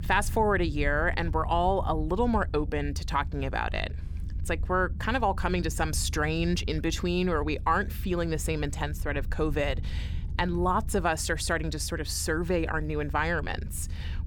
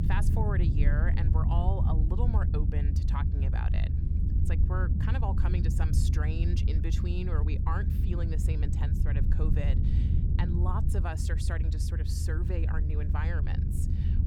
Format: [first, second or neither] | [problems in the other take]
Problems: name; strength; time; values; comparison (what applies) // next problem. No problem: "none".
first | low rumble; loud; throughout; 3 dB below the speech; faint in the first